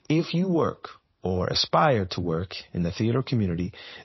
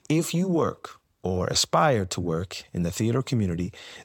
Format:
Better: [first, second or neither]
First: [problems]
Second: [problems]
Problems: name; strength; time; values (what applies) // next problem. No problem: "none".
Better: second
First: garbled, watery; slightly; nothing above 5.5 kHz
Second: none